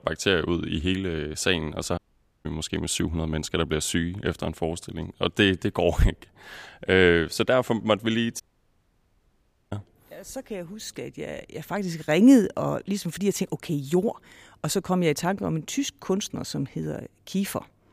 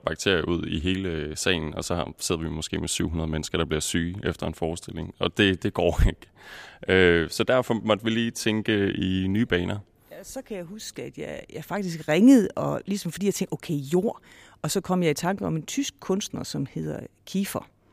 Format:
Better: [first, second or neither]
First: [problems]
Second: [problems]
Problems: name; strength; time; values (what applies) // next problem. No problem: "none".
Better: second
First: audio cutting out; at 2 s and at 8.5 s for 1.5 s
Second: none